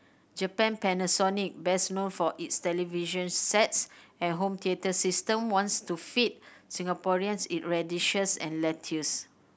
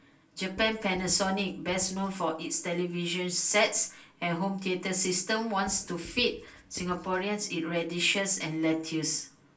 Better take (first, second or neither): first